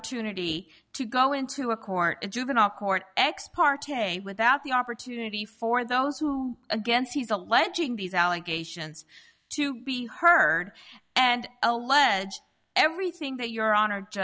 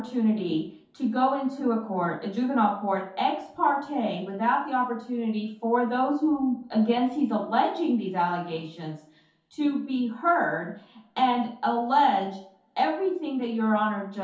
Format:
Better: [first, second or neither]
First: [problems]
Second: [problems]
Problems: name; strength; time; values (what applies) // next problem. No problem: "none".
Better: first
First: none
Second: room echo; dies away in 0.5 s